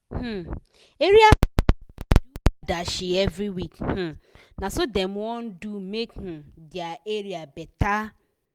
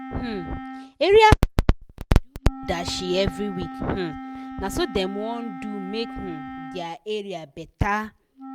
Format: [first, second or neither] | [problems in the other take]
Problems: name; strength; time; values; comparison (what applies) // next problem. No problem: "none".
first | background sound (Wind instrument, woodwind instrument); 13 dB below the speech